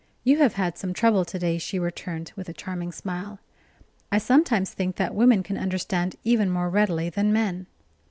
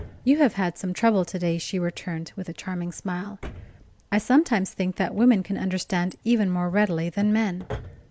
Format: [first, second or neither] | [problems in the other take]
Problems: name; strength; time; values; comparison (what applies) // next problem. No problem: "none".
first | background sound (Drawer open or close); 20 dB below the speech